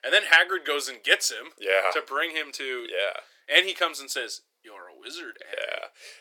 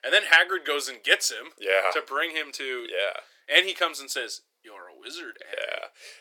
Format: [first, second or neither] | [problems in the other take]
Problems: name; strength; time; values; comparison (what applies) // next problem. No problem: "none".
neither | thin; very; fading below 400 Hz; the same in both